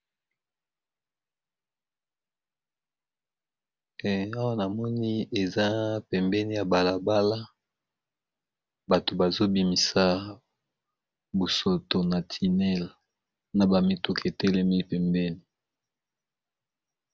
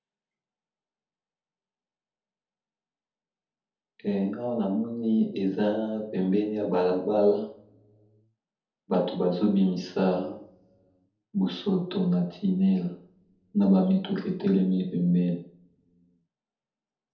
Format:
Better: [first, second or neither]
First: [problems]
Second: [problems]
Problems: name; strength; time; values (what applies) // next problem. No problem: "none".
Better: first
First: none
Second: room echo; dies away in 0.6 s